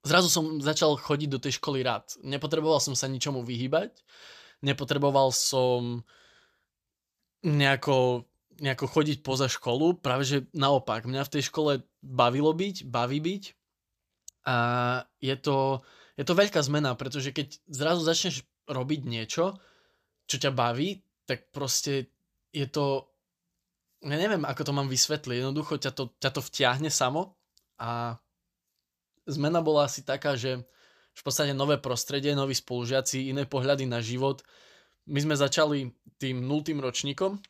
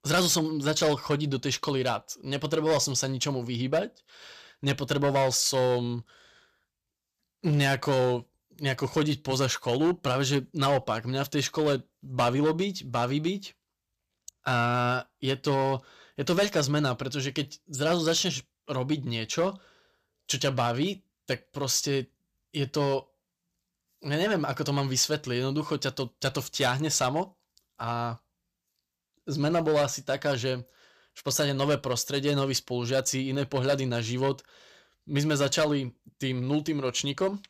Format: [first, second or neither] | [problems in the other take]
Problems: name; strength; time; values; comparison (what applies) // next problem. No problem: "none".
first | distortion; slight; 4% of the sound clipped